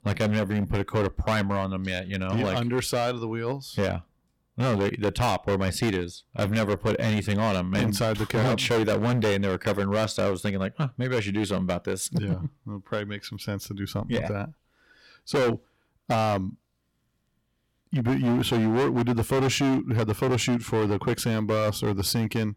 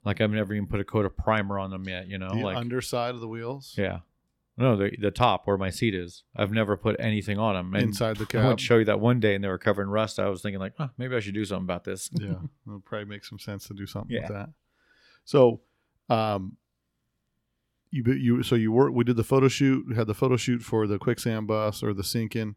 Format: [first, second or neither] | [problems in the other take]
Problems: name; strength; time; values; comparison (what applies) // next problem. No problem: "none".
second | distortion; heavy; 15% of the sound clipped